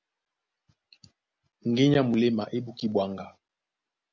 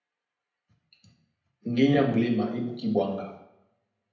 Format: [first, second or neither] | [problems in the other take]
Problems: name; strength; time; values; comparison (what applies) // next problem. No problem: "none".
first | room echo; dies away in 0.7 s